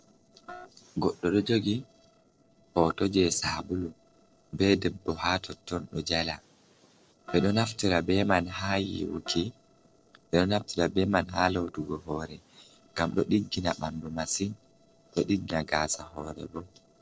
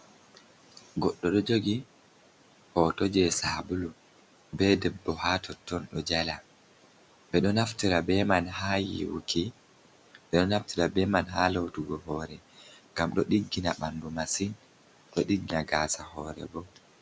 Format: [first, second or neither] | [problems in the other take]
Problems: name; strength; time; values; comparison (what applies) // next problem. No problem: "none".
second | noise reduction (neural separator model SepFormer DNS4)